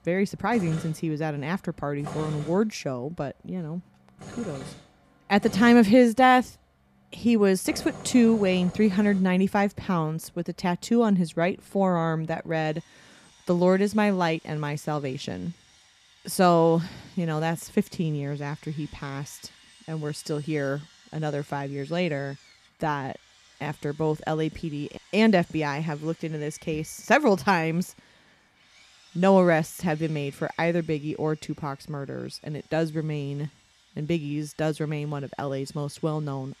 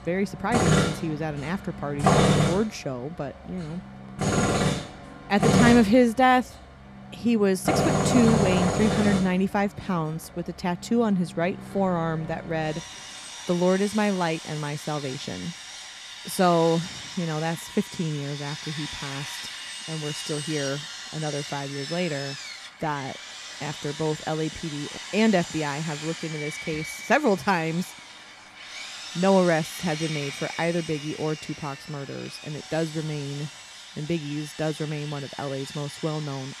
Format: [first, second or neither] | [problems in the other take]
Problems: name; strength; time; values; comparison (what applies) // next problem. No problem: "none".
first | machinery noise; loud; throughout; 4 dB below the speech; faint in the first